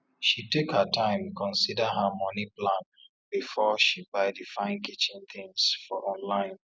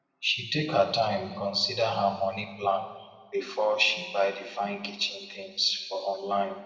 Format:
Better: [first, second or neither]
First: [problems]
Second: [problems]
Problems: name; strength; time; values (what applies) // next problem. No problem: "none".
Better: first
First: none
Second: room echo; dies away in 1.5 s